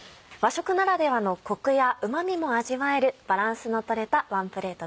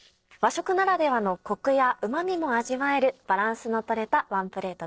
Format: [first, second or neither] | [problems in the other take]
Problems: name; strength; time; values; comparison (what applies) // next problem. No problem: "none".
first | noise reduction (neural separator model SepFormer DNS4)